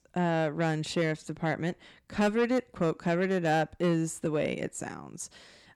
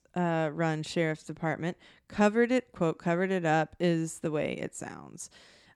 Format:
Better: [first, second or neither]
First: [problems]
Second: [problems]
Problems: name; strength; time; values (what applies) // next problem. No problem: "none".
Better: second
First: distortion; slight; 10 dB below the speech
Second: none